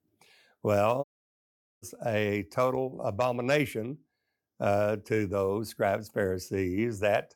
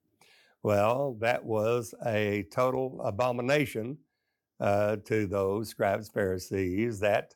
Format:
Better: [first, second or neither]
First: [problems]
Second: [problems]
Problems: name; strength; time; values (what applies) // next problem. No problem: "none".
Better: second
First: audio cutting out; at 1 s for 1 s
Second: none